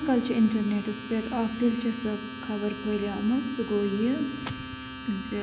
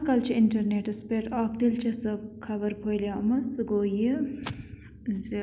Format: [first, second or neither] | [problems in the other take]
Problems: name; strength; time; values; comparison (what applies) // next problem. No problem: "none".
second | background sound (Domestic sounds, home sounds); 11 dB below the speech